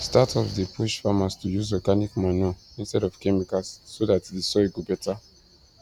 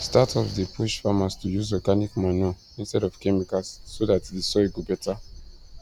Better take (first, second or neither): first